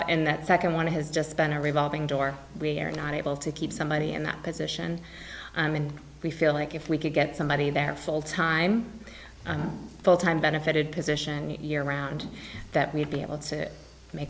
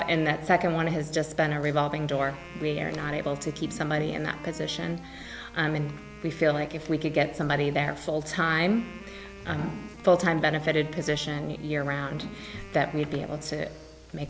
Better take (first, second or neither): first